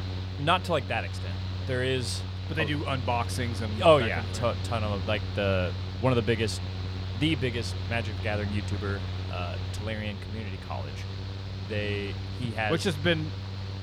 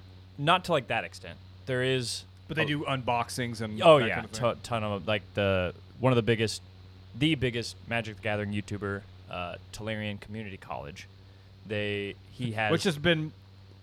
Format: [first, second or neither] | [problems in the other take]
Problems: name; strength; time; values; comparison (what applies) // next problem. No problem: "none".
second | machinery noise; loud; throughout; 5 dB below the speech; faint in the second